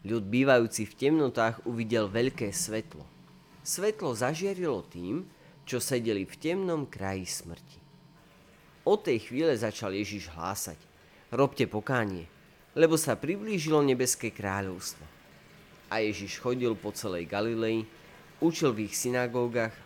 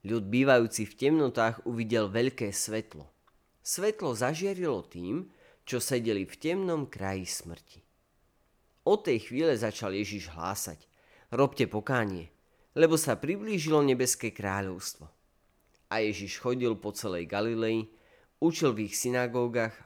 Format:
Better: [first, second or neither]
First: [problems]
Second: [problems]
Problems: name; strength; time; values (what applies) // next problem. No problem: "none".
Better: second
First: household noises; faint; throughout; 25 dB below the speech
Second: none